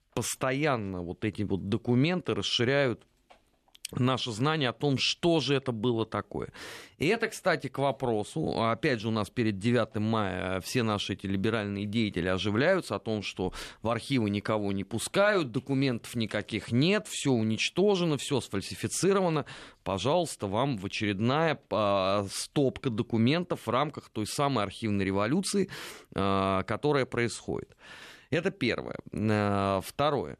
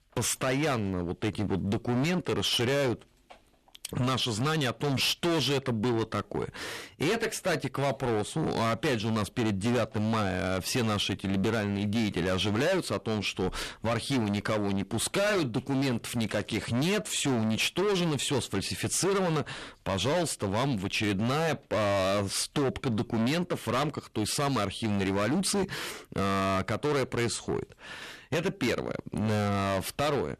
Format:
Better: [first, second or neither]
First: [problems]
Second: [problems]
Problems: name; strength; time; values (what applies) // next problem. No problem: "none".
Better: first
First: none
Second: distortion; heavy; 21% of the sound clipped